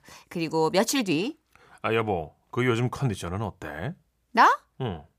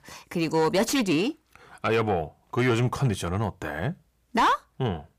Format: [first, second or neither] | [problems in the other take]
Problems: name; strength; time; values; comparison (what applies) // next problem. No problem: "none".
first | distortion; heavy; 8 dB below the speech